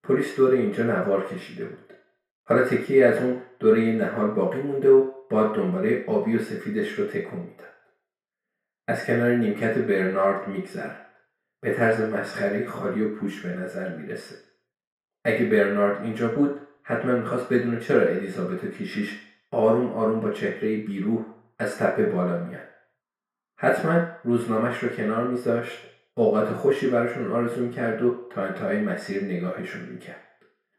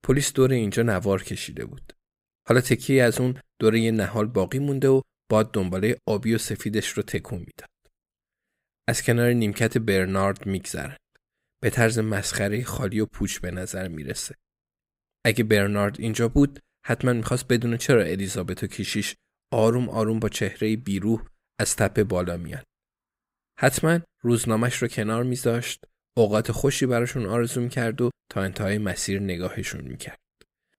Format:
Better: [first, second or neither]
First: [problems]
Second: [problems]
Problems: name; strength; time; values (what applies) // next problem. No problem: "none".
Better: second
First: room echo; noticeable; dies away in 0.6 s // off-mic speech; far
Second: none